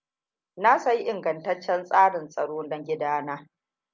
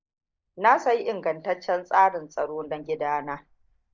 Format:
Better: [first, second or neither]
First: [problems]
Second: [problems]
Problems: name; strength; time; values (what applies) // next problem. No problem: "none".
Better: first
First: none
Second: noise reduction (neural mask model DeepFilterNet 3)